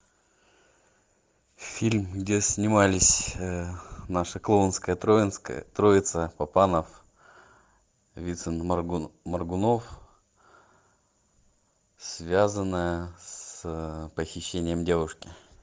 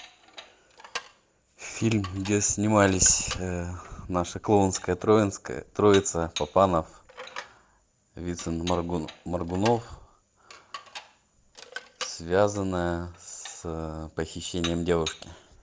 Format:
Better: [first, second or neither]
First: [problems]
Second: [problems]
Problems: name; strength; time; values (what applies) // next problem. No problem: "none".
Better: first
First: none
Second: background sound (Dishes, pots, and pans); 16 dB below the speech